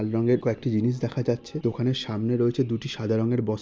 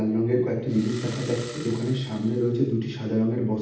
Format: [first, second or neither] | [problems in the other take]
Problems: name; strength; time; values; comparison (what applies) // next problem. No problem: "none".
first | background sound (Engine starting); 19 dB below the speech // room echo; dies away in 0.8 s